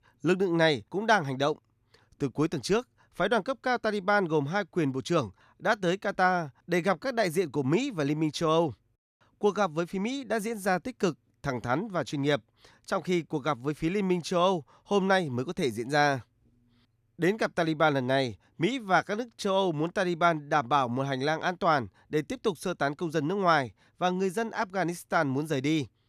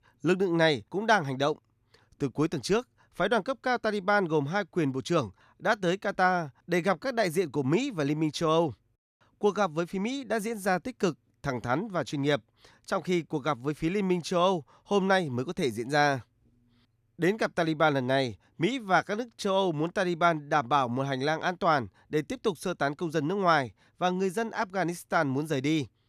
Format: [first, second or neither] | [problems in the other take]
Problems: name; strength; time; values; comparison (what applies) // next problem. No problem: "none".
neither | none